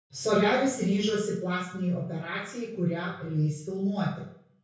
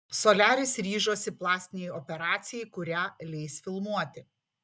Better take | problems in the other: second | room echo; dies away in 0.6 s

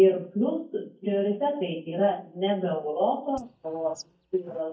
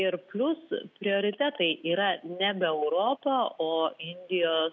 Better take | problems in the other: second | noise reduction (neural mask model DeepFilterNet 3)

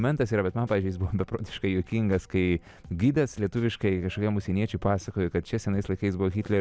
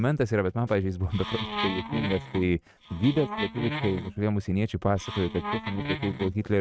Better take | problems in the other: first | noise reduction (neural mask model RNNoise)

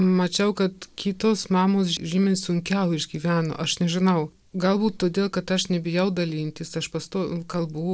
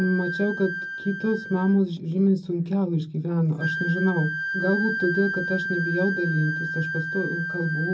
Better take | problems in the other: first | background sound (Wind instrument, woodwind instrument); 6 dB below the speech // room echo; dies away in 0.4 s

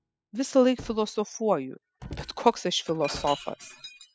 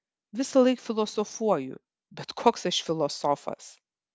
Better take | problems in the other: second | noise reduction (classical method spectral subtraction)

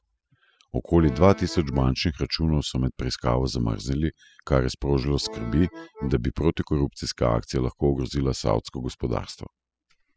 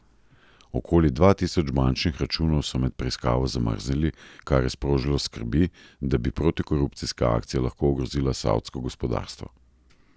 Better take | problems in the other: second | noise reduction (classical method spectral subtraction)

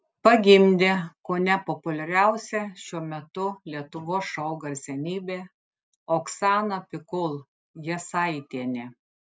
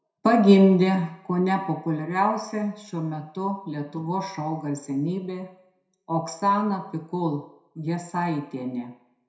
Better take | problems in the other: first | room echo; dies away in 0.6 s

